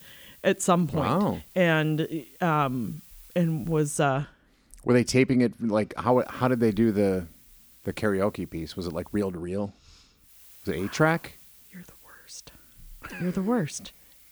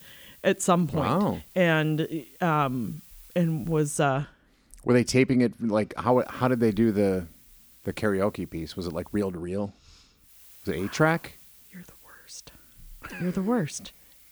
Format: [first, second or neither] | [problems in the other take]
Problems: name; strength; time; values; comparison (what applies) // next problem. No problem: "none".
neither | hiss; faint; until 4 s, from 6 to 9.5 s and from 10 s on; 25 dB below the speech; the same in both